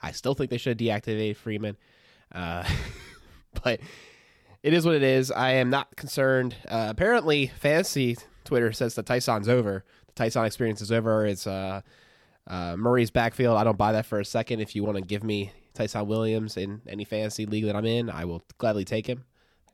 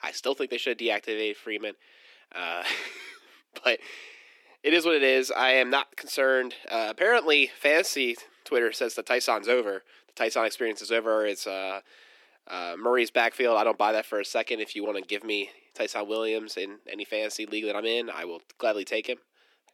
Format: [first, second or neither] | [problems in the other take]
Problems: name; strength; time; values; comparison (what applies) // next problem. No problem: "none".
first | thin; somewhat; fading below 300 Hz